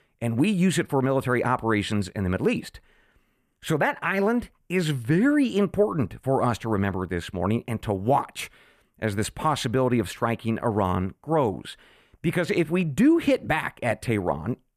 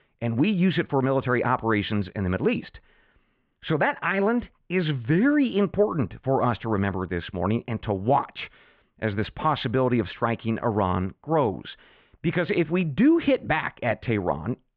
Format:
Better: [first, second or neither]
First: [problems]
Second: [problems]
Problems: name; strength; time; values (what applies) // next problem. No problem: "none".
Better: first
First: none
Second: muffled; very; fading above 3.5 kHz